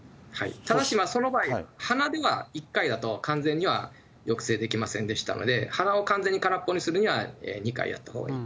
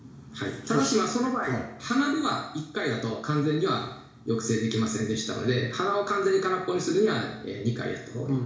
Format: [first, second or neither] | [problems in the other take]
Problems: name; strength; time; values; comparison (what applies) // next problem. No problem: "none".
first | room echo; dies away in 0.7 s